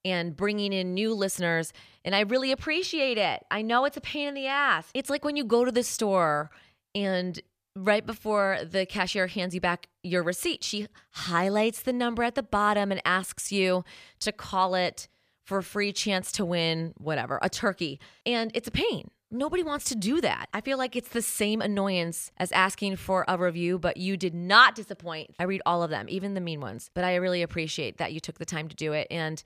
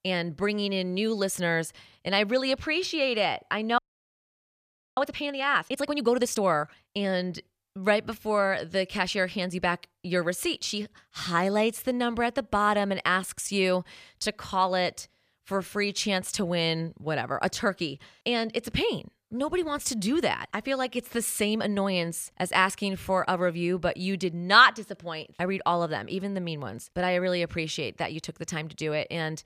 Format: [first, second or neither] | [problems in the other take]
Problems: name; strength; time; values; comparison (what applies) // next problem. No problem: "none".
first | audio freezing; at 4 s for 1 s